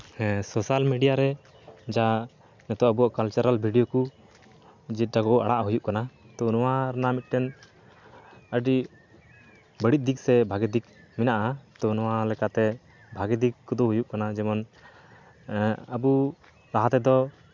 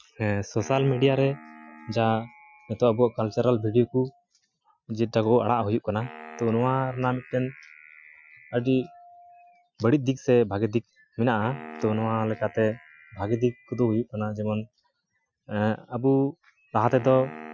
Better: first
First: none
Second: noise reduction (classical method Wiener filter)

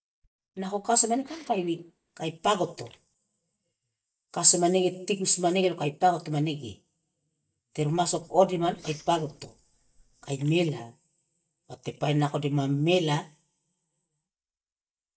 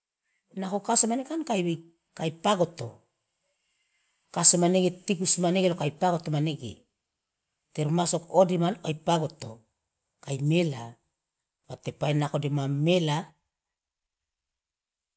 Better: second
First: noise reduction (neural mask model DeepFilterNet 3)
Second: none

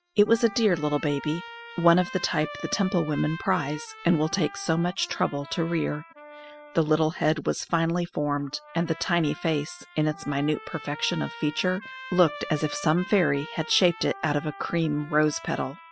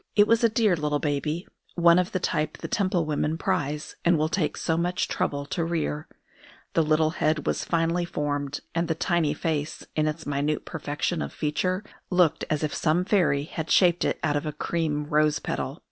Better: second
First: noise reduction (classical method spectral subtraction)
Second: none

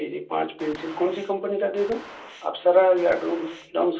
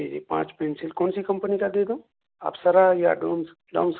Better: second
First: background sound (Gunshot, gunfire); 19 dB below the speech // room echo; dies away in 0.3 s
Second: none

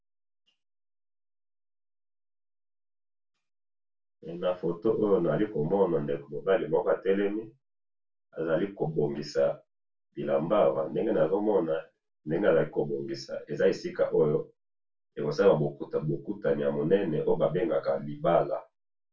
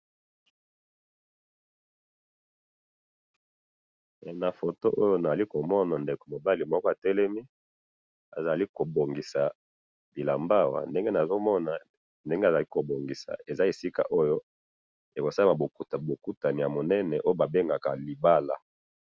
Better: second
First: room echo; dies away in 0.2 s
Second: none

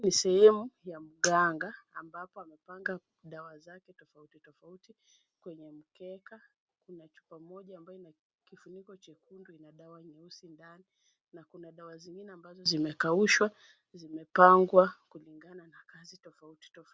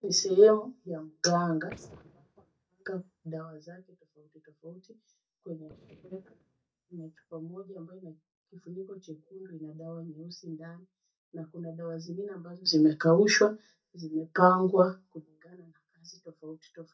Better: first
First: none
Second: noise reduction (neural mask model DeepFilterNet 3)

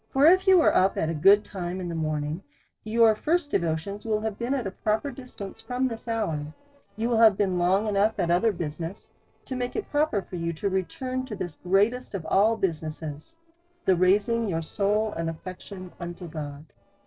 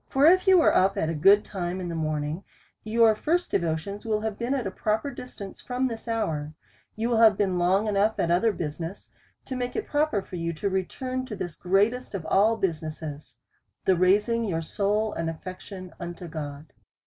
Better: second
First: noise reduction (neural separator model SepFormer DNS4)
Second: none

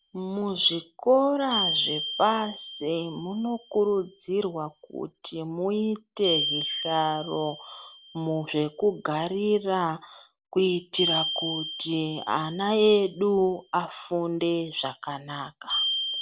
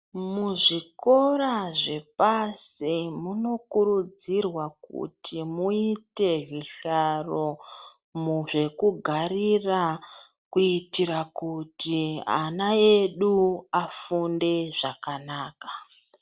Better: second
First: background sound (Glockenspiel); 8 dB below the speech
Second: none

